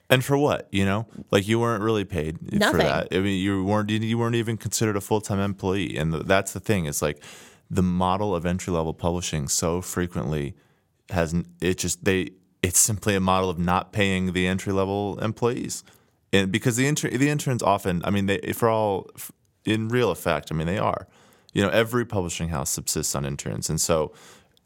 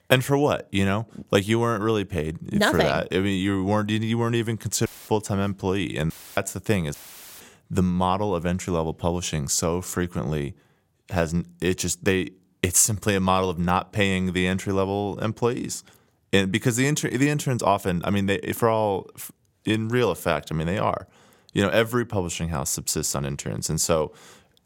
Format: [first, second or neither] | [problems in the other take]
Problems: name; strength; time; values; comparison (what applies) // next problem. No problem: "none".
first | audio cutting out; filled with static; at 5 s, at 6 s and at 7 s